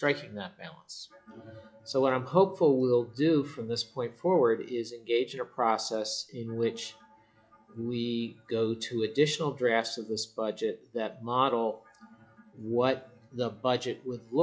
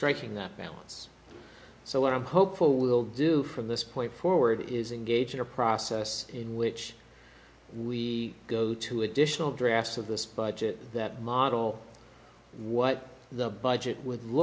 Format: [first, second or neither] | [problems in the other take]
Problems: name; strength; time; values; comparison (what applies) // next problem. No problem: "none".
second | noise reduction (classical method log-MMSE)